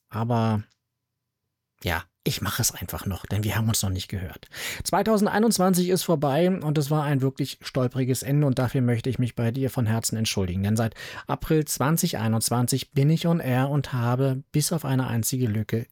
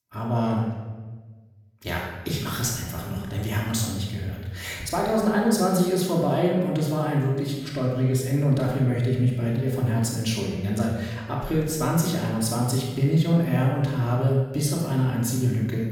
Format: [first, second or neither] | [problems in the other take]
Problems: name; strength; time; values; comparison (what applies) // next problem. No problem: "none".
first | off-mic speech; far // room echo; noticeable; dies away in 1.1 s